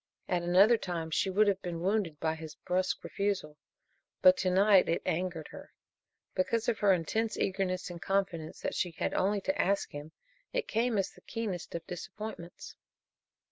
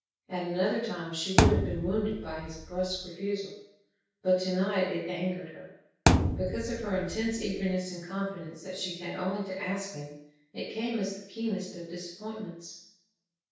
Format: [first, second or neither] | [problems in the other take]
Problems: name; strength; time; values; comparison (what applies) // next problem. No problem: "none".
first | background sound (Thump, thud); 4 dB above the speech // room echo; dies away in 0.6 s